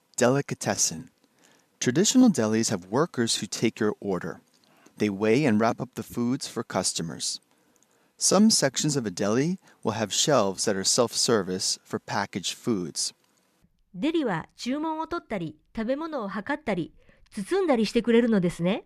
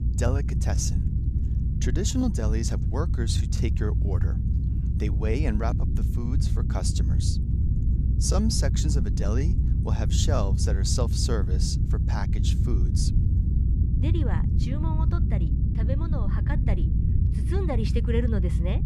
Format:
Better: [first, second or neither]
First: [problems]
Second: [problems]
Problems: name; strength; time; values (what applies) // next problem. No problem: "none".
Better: first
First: none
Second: low rumble; loud; throughout; 5 dB below the speech